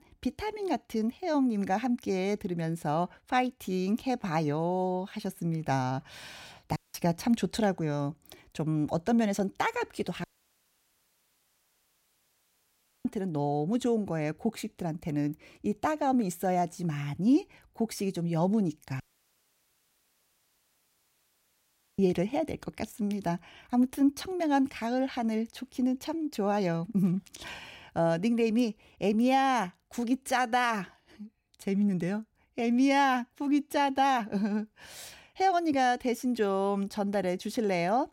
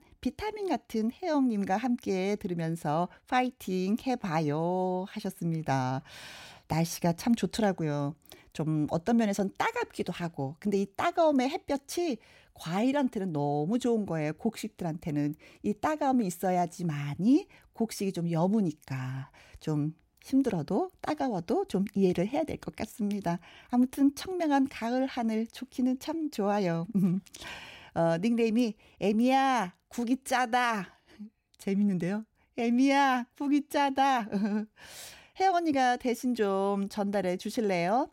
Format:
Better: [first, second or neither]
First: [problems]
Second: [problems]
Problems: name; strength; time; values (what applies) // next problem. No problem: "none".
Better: second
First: audio cutting out; at 7 s, at 10 s for 3 s and at 19 s for 3 s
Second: none